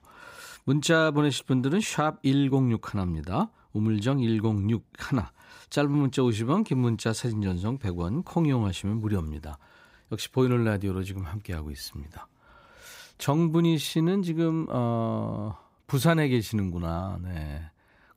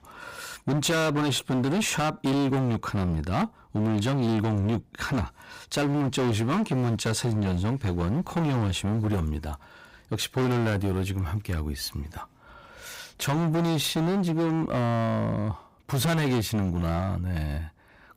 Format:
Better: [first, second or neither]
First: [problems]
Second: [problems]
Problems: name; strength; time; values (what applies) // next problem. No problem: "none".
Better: first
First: none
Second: distortion; heavy; 24% of the sound clipped